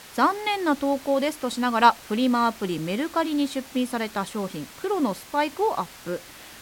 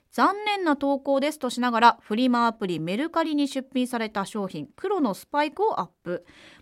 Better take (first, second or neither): second